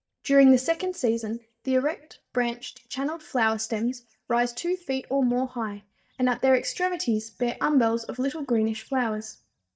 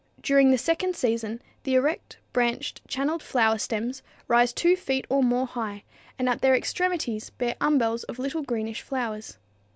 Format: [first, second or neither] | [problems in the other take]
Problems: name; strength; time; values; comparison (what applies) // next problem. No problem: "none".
second | noise reduction (neural mask model DeepFilterNet 3)